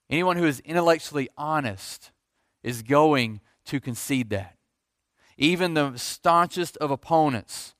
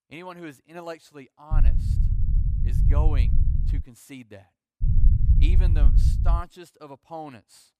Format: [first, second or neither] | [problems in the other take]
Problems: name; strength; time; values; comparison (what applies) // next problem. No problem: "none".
first | low rumble; loud; from 1.5 to 4 s and from 5 to 6.5 s; 3 dB below the speech